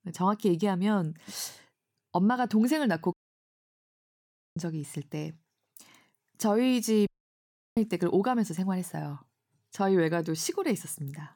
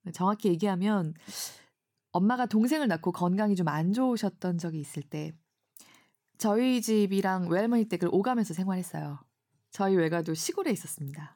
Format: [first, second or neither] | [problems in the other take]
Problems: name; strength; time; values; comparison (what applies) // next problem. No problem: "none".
second | audio cutting out; at 3 s for 1.5 s and at 7 s for 0.5 s